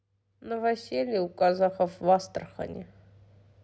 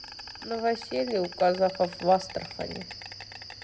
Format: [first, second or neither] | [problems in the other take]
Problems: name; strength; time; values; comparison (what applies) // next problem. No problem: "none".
first | background sound (Insect); 13 dB below the speech